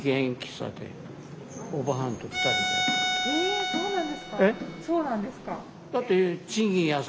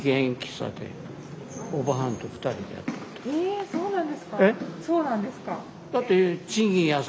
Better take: second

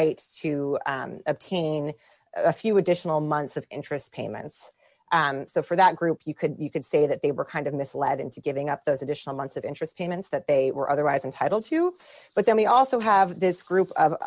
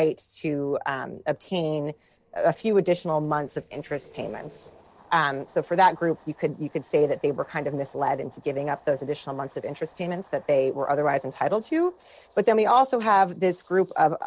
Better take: first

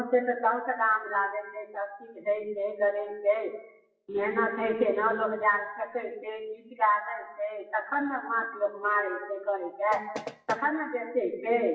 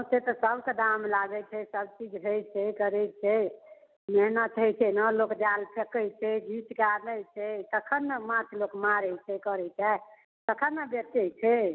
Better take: second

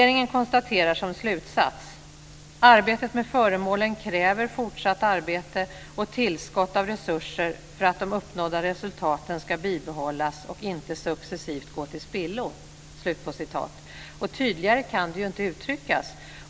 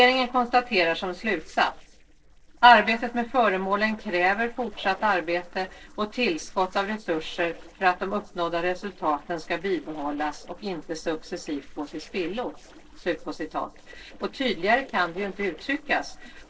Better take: first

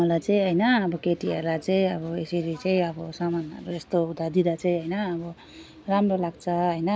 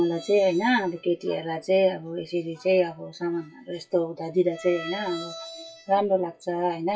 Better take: first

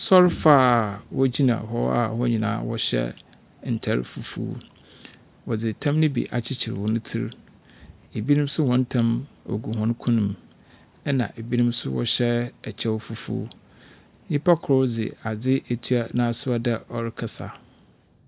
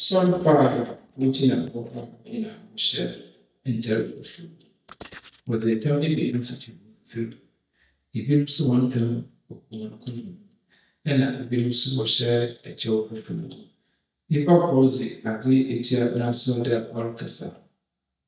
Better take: first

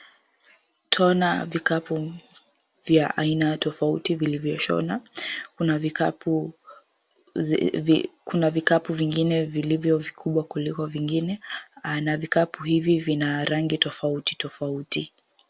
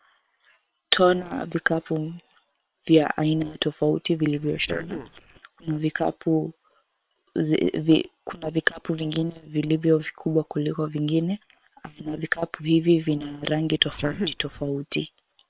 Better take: first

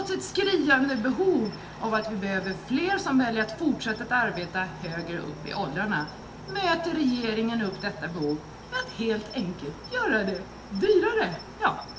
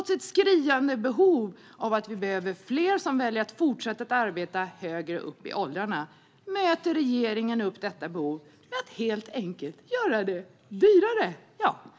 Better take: second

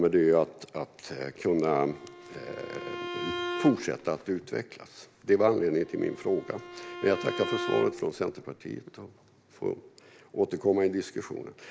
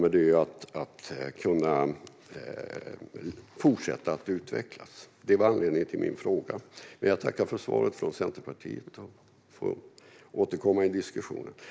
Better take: second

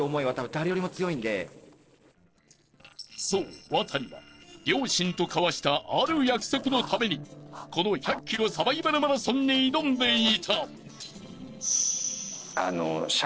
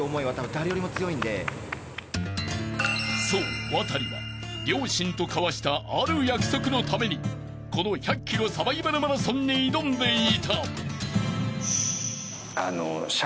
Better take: second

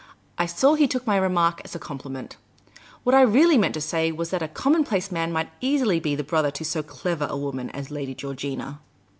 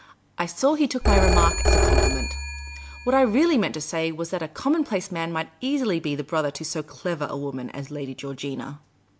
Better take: first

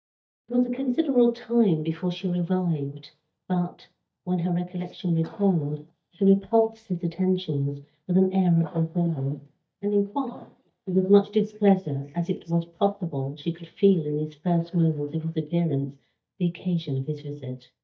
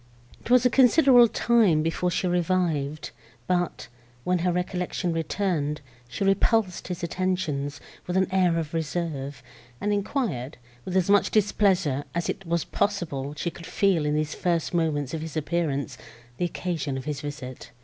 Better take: second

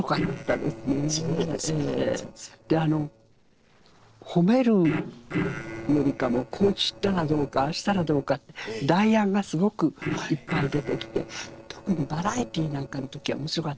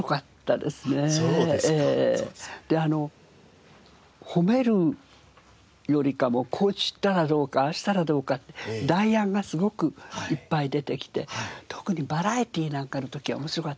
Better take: second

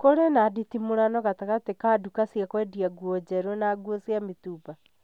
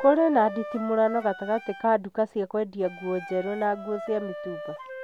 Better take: first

